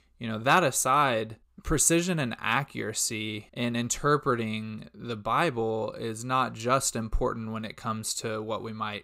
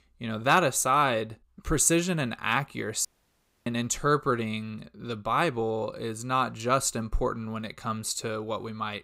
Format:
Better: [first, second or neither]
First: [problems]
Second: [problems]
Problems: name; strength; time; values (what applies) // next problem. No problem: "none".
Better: first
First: none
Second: audio cutting out; at 3 s for 0.5 s